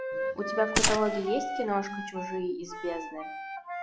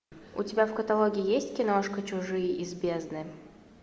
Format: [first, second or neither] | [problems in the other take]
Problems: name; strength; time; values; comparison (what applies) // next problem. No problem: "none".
second | noise reduction (classical method log-MMSE)